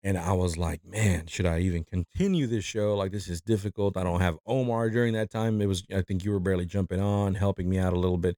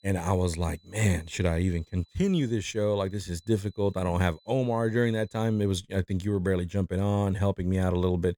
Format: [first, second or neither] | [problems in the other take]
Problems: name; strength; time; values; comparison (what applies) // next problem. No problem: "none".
first | high-pitched whine; faint; until 5.5 s; 4 kHz, 35 dB below the speech